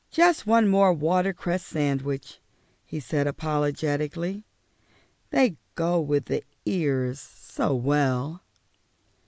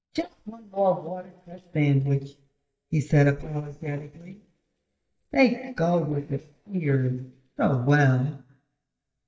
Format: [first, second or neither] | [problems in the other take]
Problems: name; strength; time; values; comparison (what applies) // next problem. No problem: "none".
first | noise reduction (neural mask model DeepFilterNet 3)